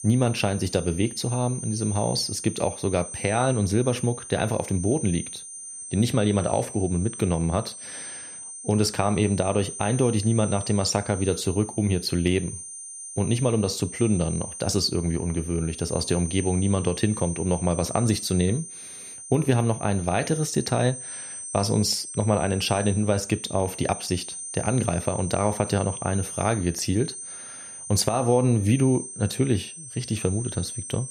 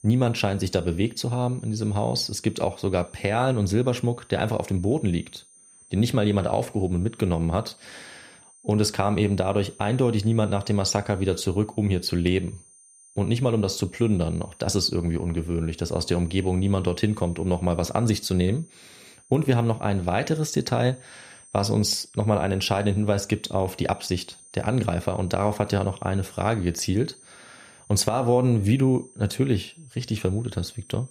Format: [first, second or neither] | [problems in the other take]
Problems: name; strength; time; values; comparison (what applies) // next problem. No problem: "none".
second | high-pitched whine; loud; throughout; 9 kHz, 10 dB below the speech; faint in the second